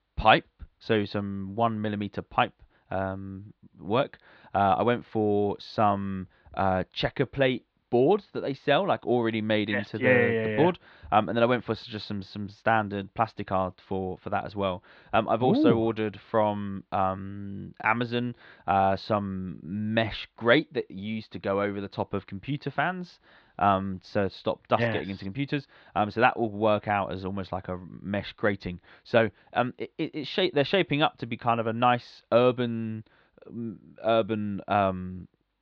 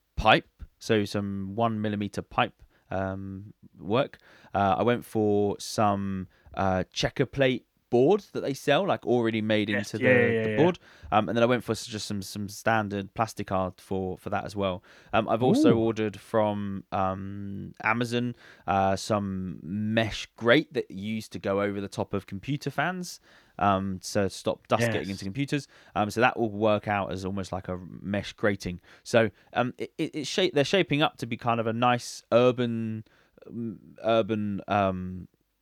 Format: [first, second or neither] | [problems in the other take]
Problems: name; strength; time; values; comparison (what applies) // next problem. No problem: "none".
second | muffled; slightly; fading above 4 kHz